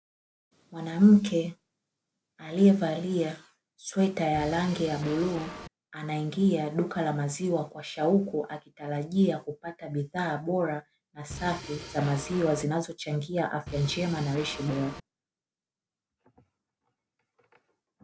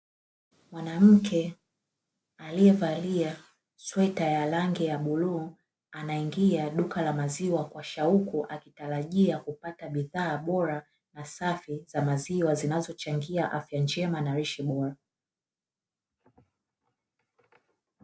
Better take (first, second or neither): second